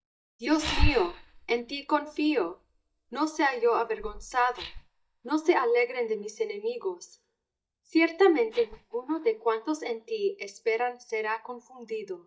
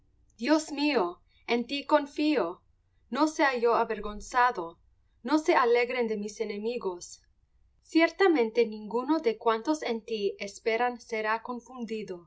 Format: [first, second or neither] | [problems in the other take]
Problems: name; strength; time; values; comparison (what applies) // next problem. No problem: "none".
second | noise reduction (neural mask model DeepFilterNet 3)